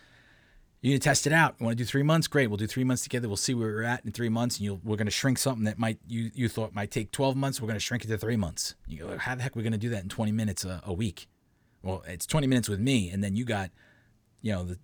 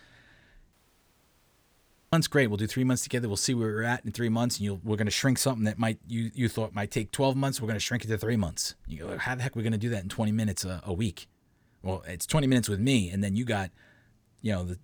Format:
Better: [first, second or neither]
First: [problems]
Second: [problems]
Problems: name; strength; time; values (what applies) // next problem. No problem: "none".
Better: first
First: none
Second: audio cutting out; at 0.5 s for 1.5 s